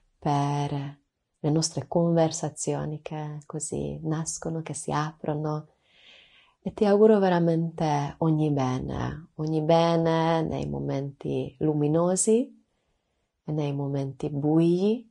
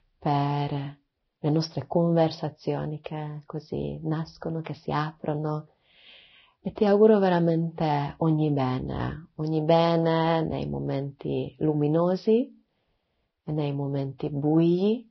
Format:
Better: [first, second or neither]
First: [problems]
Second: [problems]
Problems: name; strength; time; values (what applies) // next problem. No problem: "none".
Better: first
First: garbled, watery; slightly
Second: garbled, watery; badly; nothing above 5.5 kHz